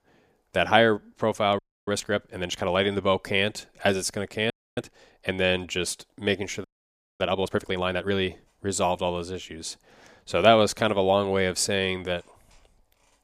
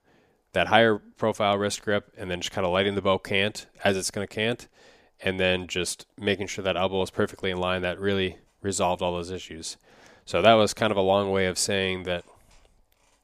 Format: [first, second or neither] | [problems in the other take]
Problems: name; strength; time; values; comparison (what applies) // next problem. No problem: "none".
second | audio freezing; at 1.5 s, at 4.5 s and at 6.5 s for 0.5 s